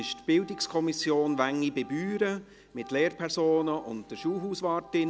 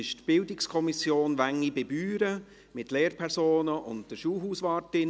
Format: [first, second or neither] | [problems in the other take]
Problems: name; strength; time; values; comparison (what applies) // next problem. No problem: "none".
second | background sound (Organ); 20 dB below the speech